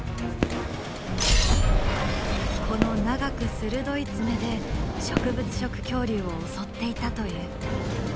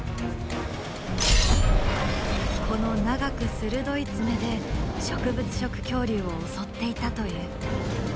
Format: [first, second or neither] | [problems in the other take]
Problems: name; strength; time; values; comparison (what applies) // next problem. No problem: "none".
second | background sound (Fireworks); 11 dB below the speech